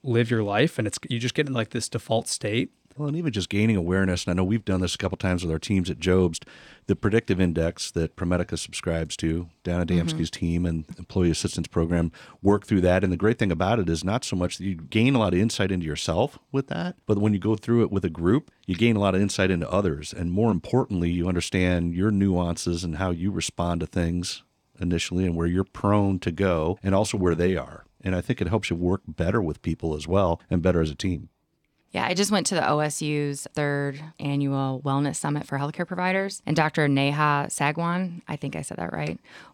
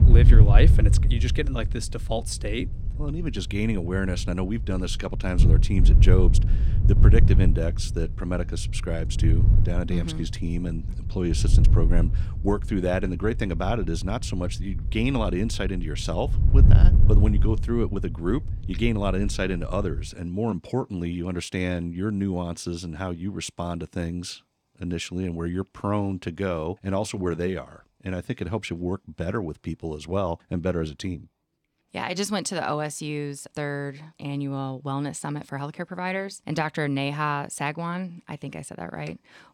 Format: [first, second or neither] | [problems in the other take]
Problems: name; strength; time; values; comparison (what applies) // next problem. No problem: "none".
first | wind noise on the microphone; heavy; until 20 s; 9 dB below the speech